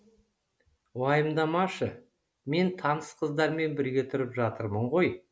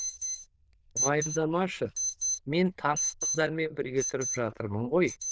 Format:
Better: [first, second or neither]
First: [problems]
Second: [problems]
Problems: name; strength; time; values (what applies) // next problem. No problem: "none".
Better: first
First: none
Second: noise reduction (neural diffusion model UNIVERSE++)